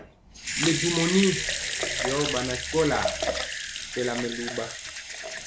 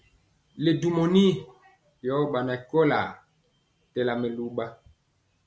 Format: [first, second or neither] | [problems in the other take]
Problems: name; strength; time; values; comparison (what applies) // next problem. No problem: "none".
second | background sound (Sink (filling or washing) / Water tap, faucet / Liquid); 2 dB below the speech